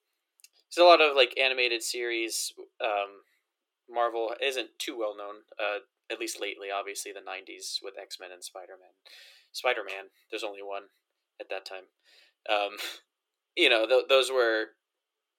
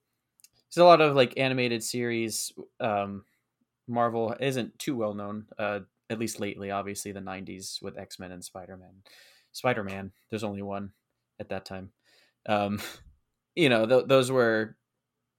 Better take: second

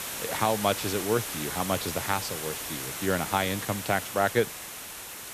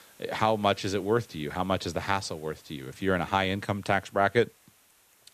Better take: second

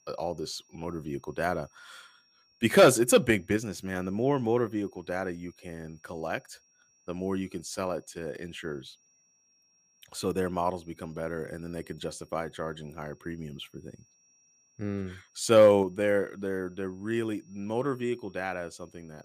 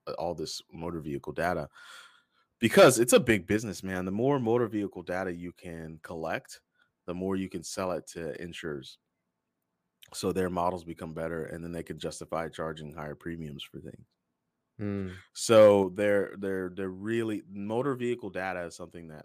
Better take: second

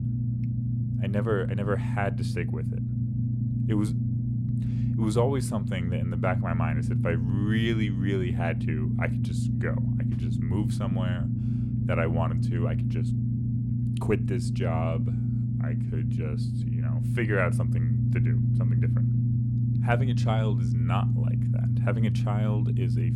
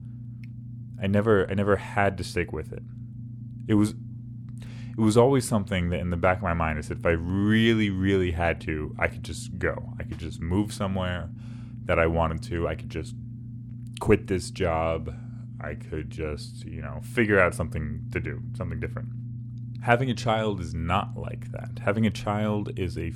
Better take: second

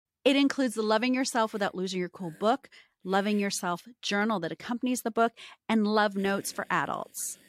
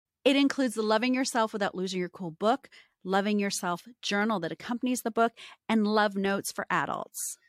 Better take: second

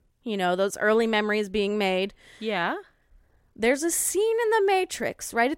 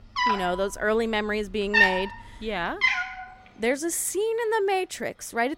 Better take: first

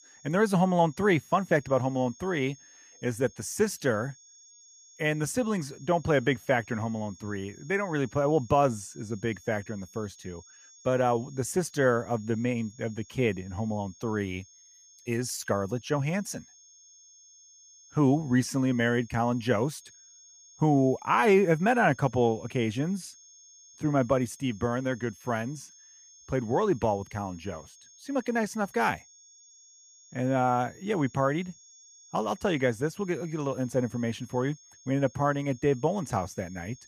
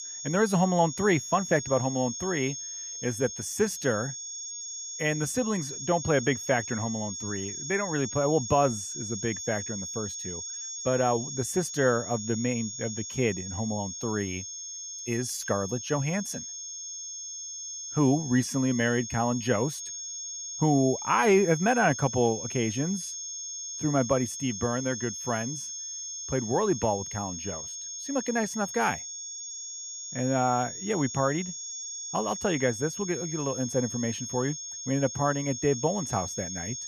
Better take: first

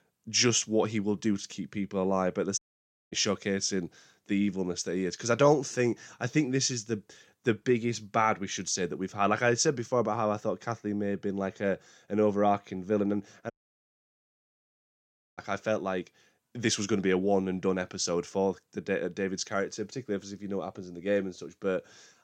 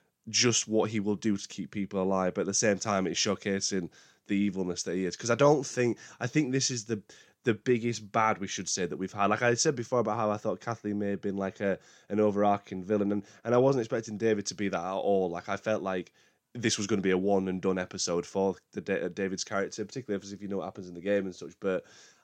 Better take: second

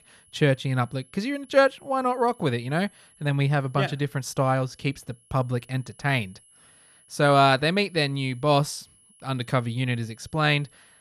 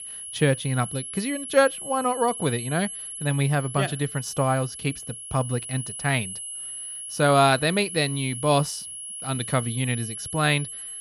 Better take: first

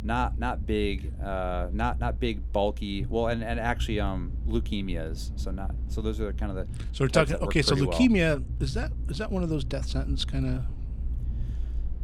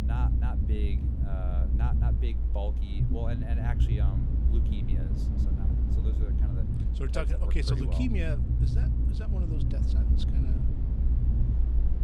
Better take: first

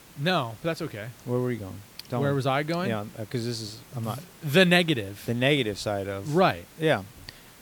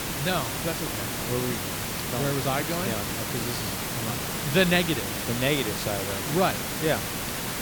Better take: first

